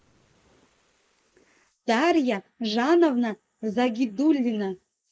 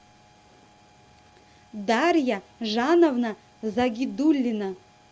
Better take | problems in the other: second | noise reduction (neural mask model Resemble Enhance denoiser)

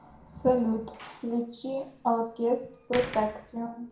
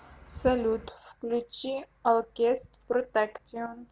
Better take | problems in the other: second | background sound (Slam); 16 dB below the speech // room echo; dies away in 0.5 s

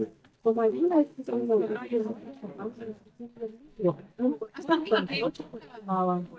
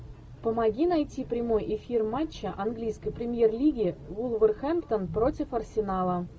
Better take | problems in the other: second | noise reduction (neural mask model DeepFilterNet 3)

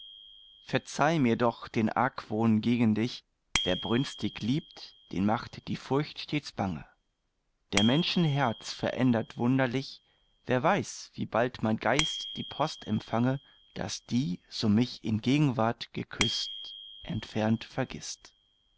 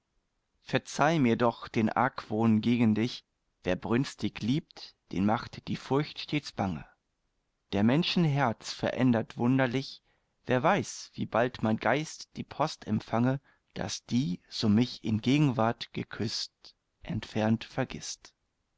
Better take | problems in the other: second | background sound (Bicycle bell); 12 dB below the speech

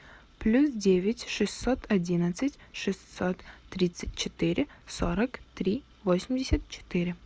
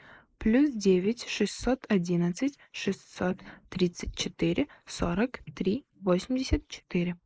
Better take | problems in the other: first | noise reduction (neural mask model Resemble Enhance denoiser)

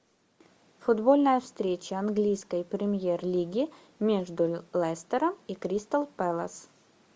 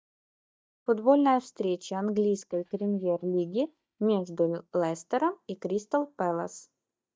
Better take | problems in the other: first | noise reduction (neural mask model DeepFilterNet 3)

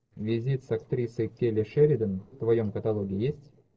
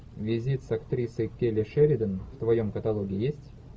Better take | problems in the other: second | noise reduction (neural separator model SepFormer DNS4)

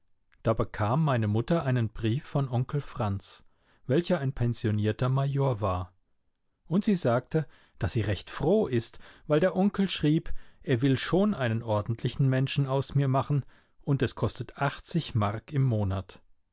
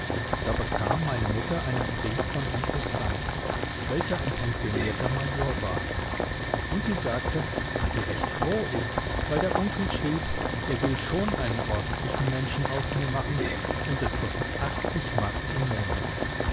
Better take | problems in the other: first | background sound (Boiling); 2 dB above the speech

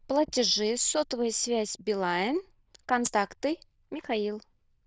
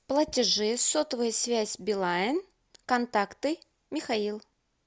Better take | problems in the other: second | noise reduction (neural diffusion model UNIVERSE++)

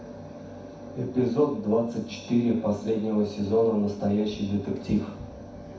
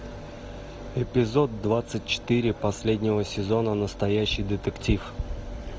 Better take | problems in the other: second | room echo; dies away in 0.6 s

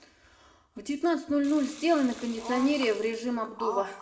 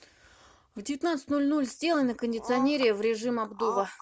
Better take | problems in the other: second | background sound (Sink (filling or washing) / Water); 20 dB below the speech // room echo; dies away in 0.8 s

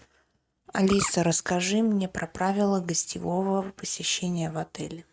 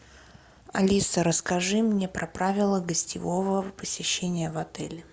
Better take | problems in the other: second | noise reduction (neural mask model RNNoise)

